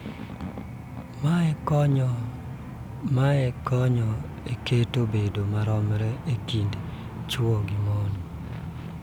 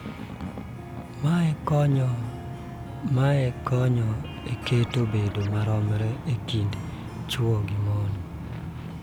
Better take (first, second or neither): first